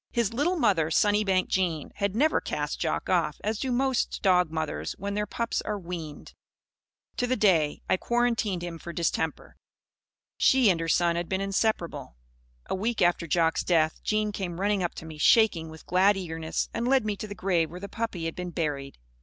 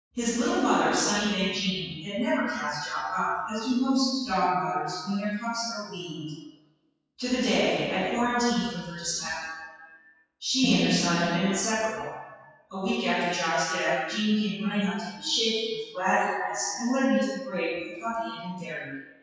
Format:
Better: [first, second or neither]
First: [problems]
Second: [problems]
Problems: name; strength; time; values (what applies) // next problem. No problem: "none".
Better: first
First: none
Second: noise reduction (classical method WPE with log-MMSE)